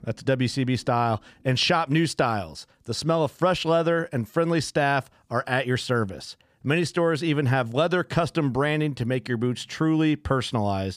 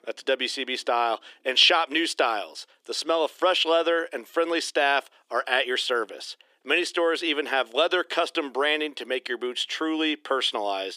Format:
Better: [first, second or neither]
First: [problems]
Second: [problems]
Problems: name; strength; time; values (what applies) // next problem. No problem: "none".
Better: first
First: none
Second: thin; very; fading below 350 Hz